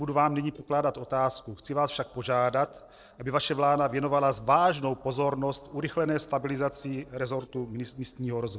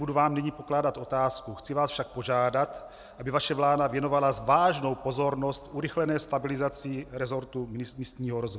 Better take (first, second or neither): second